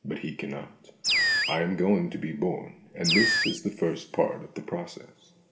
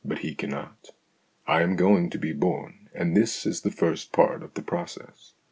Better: second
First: background sound (Animal); 1 dB above the speech // room echo; dies away in 2.8 s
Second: none

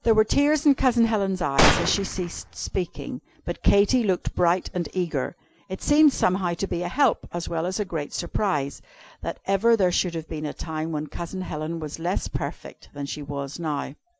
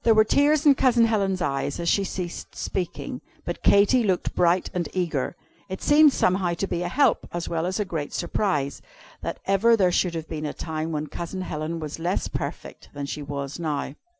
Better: second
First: background sound (Gunshot, gunfire); as loud as the speech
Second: none

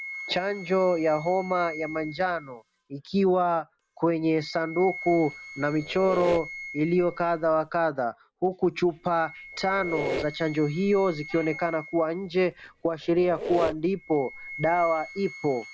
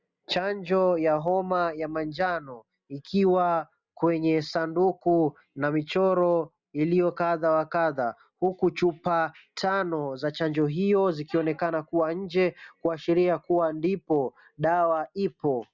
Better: second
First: background sound (Squeak + Wind instrument, woodwind instrument); 13 dB below the speech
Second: none

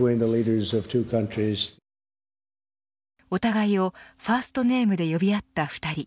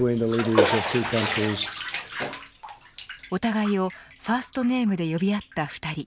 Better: first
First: none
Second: background sound (Bathtub (filling or washing)); 5 dB below the speech

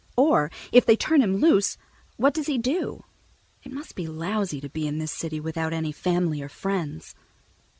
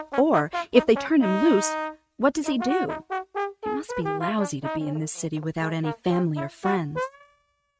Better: first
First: none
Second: noise reduction (neural mask model RNNoise)

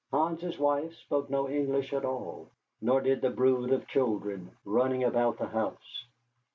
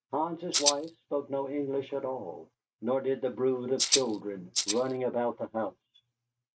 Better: first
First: none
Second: noise reduction (neural mask model RNNoise)

